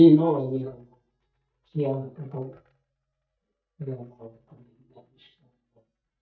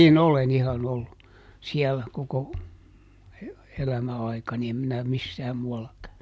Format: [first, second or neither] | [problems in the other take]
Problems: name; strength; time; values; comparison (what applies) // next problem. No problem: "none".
second | noise reduction (neural mask model DeepFilterNet 3)